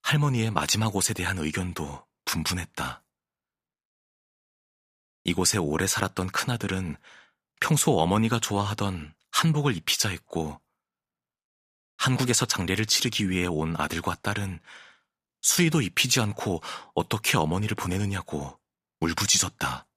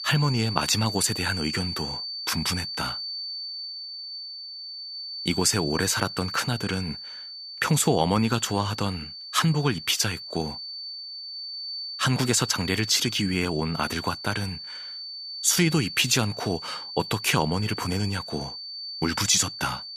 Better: first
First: none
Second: high-pitched whine; loud; throughout; 4.5 kHz, 8 dB below the speech

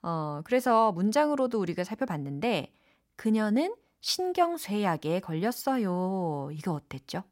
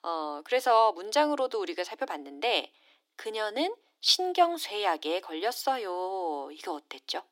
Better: first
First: none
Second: thin; very; fading below 300 Hz

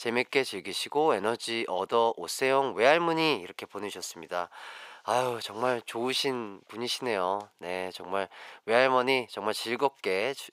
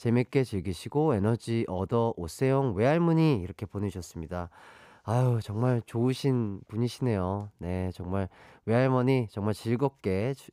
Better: second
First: thin; very; fading below 600 Hz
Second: none

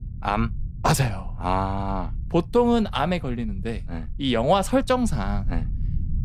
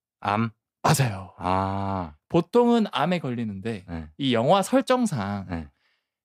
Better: second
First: low rumble; faint; throughout; 25 dB below the speech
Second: none

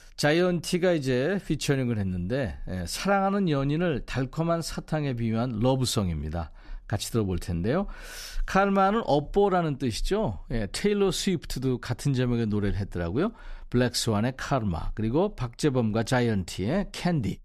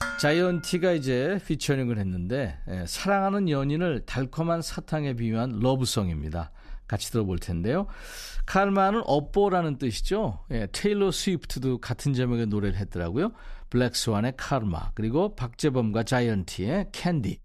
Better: first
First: none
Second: clattering dishes; noticeable; at the start; peak 5 dB below the speech

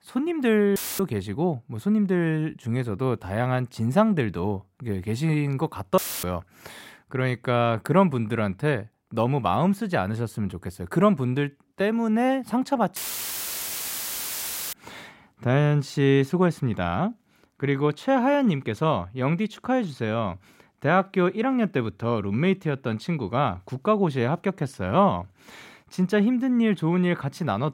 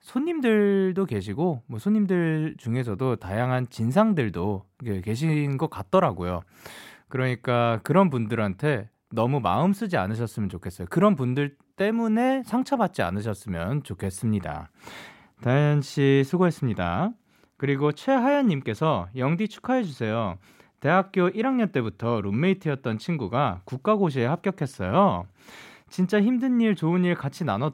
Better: second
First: audio cutting out; filled with static; at 1 s, at 6 s and at 13 s for 2 s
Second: none

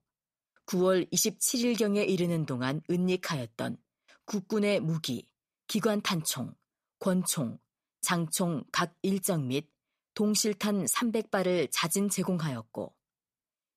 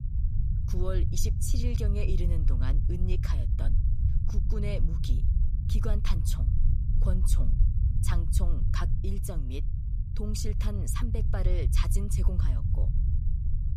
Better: first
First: none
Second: low rumble; loud; throughout; 5 dB below the speech

